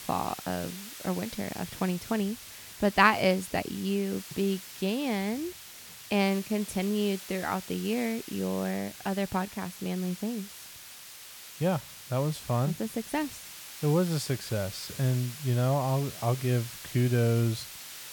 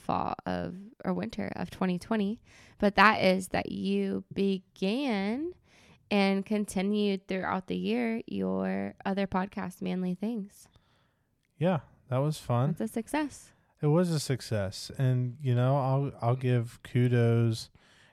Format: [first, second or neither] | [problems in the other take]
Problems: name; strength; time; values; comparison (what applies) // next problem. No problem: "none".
second | hiss; noticeable; throughout; 10 dB below the speech